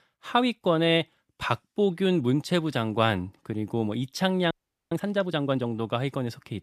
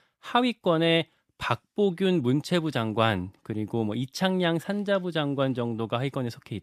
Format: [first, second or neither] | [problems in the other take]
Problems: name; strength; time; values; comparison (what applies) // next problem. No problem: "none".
second | audio freezing; at 4.5 s